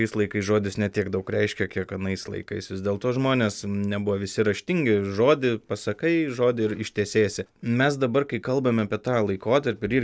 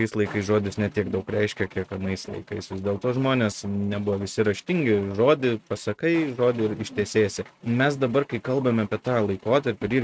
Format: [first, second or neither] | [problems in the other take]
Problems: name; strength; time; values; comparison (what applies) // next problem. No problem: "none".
first | noise reduction (neural mask model RNNoise)